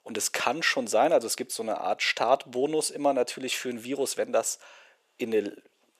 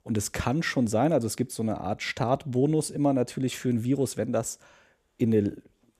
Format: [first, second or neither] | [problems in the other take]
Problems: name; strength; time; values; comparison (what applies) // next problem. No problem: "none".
second | thin; somewhat; fading below 600 Hz